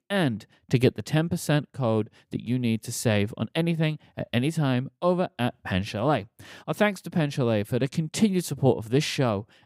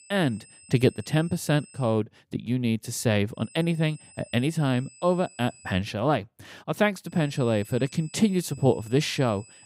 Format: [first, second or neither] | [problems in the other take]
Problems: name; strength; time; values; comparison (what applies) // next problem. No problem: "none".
first | high-pitched whine; faint; until 2 s, from 3.5 to 6 s and from 7 s on; 8 kHz, 25 dB below the speech